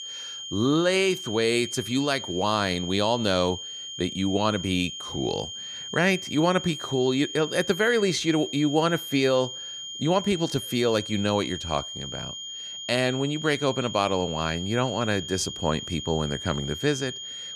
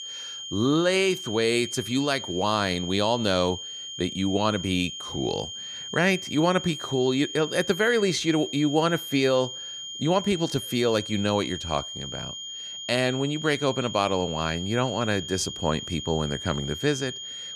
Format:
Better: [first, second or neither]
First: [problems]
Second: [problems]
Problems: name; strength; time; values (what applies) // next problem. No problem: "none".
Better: neither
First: high-pitched whine; loud; throughout; 3 kHz, 8 dB below the speech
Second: high-pitched whine; loud; throughout; 3 kHz, 8 dB below the speech